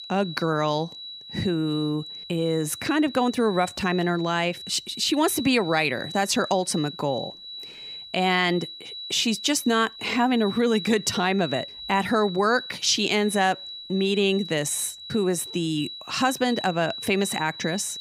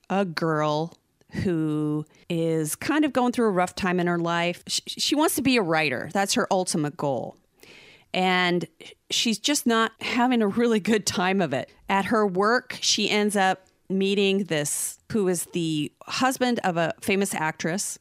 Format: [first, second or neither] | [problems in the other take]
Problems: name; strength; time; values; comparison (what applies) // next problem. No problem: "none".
second | high-pitched whine; noticeable; throughout; 4 kHz, 10 dB below the speech